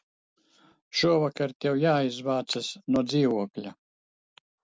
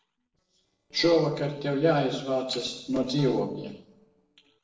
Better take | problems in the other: first | noise reduction (neural separator model SepFormer DNS4)

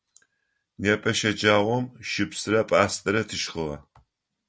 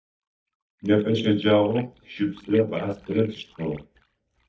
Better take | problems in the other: first | noise reduction (neural mask model DeepFilterNet 3)

